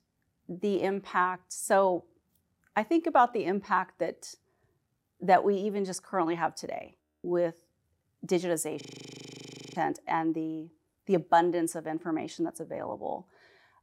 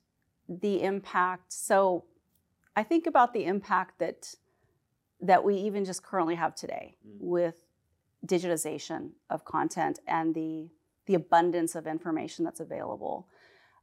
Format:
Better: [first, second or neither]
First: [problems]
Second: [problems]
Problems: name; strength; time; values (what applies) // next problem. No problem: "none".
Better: second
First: audio freezing; at 7 s and at 9 s for 1 s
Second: none